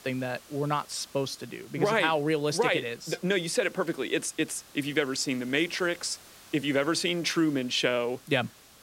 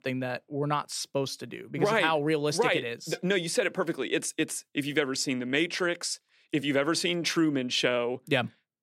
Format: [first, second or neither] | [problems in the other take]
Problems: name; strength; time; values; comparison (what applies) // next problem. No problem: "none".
second | hiss; faint; throughout; 20 dB below the speech